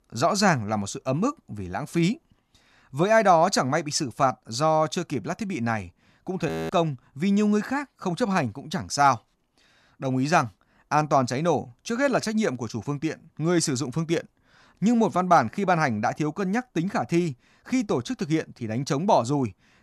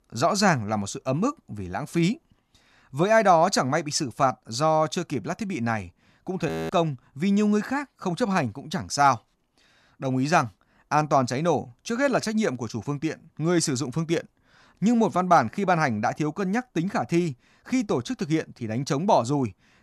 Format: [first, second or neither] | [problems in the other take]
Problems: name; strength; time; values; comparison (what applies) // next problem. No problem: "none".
neither | audio freezing; at 6.5 s; the same in both